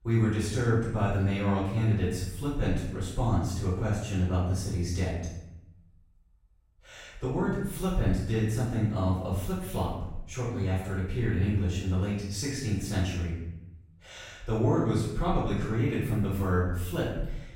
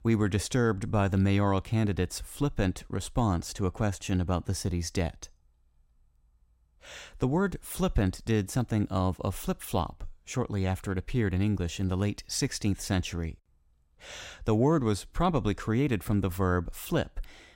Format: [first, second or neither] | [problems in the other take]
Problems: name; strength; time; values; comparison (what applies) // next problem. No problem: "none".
second | off-mic speech; far // room echo; noticeable; dies away in 0.8 s